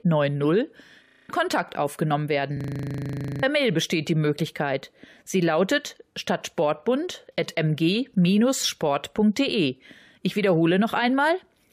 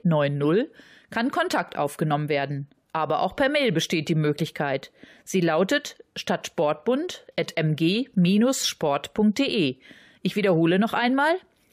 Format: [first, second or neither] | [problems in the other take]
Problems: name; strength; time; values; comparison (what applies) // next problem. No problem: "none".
second | audio freezing; at 1 s and at 2.5 s for 1 s